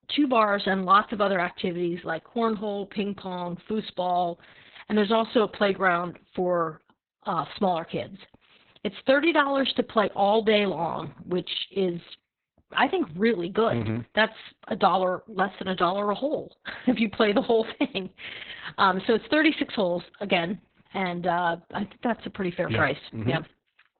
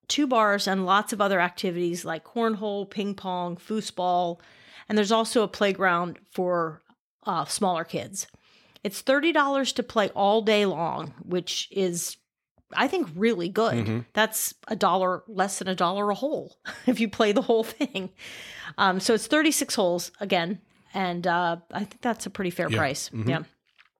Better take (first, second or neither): second